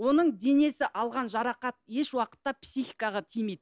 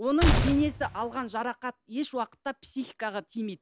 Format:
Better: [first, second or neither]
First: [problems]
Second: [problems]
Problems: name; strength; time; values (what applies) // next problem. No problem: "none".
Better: first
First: none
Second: background sound (Gunshot, gunfire); 4 dB above the speech